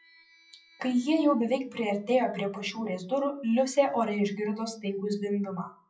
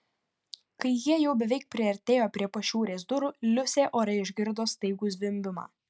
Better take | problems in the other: second | noise reduction (classical method WPE with log-MMSE)

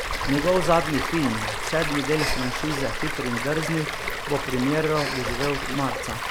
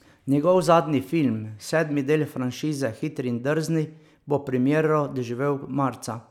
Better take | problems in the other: second | background sound (Breathing + Stream); 2 dB below the speech

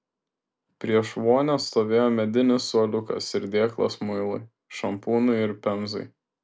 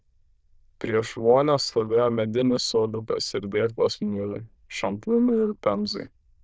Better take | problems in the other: first | noise reduction (neural diffusion model UNIVERSE++)

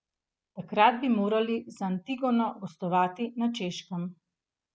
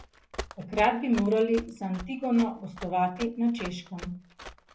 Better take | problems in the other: first | background sound (Run); 15 dB below the speech // room echo; dies away in 0.3 s

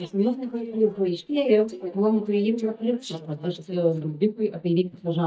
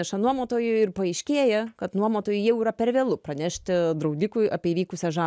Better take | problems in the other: second | noise reduction (neural mask model DeepFilterNet 3)

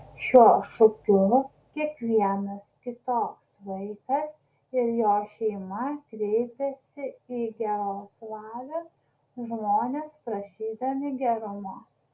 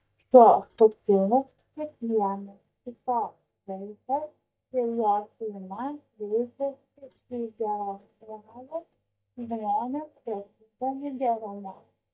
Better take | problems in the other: first | noise reduction (neural mask model DeepFilterNet 3)

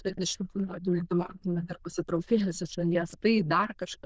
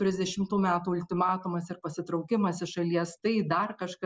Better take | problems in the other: second | noise reduction (neural diffusion model UNIVERSE++)

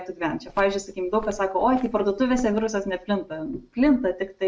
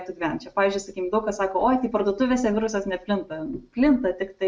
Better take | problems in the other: second | background sound (Walk, footsteps); 18 dB below the speech

